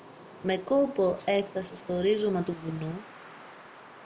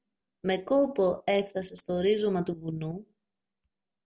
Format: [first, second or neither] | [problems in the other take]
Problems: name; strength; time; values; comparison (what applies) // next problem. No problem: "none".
second | background sound (Wind); 18 dB below the speech